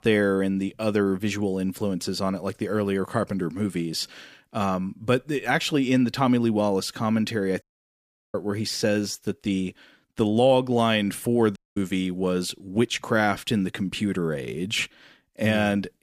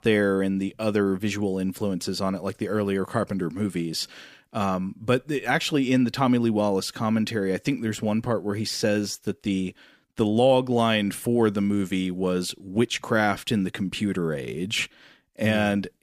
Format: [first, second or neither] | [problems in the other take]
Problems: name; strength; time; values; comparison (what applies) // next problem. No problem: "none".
second | audio cutting out; at 7.5 s for 0.5 s and at 12 s